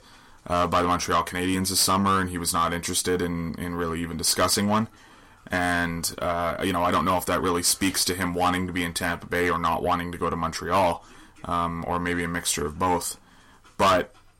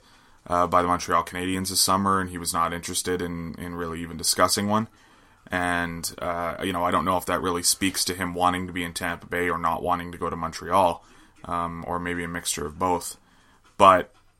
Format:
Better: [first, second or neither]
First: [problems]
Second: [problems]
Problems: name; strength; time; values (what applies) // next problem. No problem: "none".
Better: second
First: distortion; heavy; 8 dB below the speech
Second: none